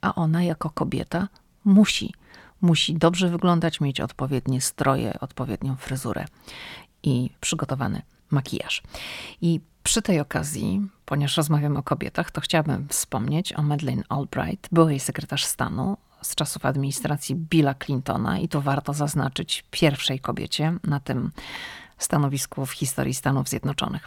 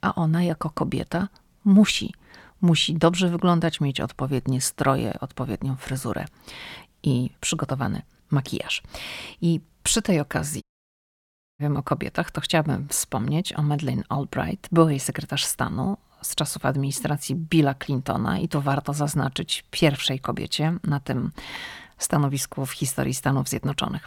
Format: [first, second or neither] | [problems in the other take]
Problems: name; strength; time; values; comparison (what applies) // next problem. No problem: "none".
first | audio cutting out; at 11 s for 1 s